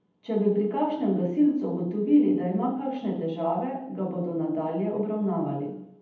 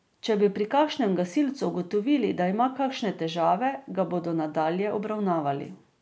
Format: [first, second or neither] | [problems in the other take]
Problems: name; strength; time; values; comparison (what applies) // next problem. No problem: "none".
second | room echo; dies away in 0.8 s